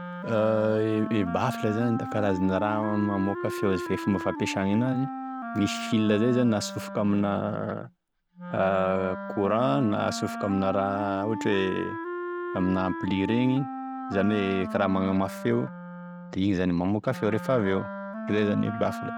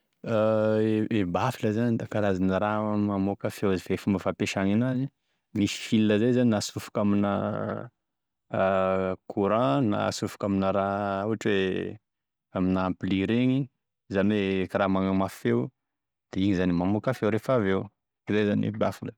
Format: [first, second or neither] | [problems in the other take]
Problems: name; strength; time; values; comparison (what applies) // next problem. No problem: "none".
second | background sound (Wind instrument, woodwind instrument); 8 dB below the speech